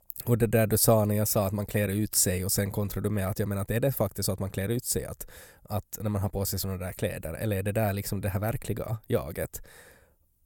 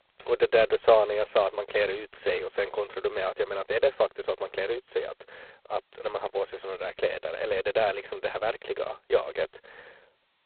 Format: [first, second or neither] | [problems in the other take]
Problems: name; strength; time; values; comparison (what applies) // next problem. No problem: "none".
first | phone-call audio; poor line; nothing above 4 kHz